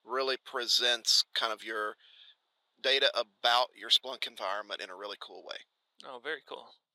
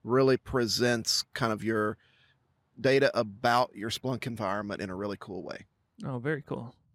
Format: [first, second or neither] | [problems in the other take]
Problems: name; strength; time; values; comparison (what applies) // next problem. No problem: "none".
second | thin; very; fading below 550 Hz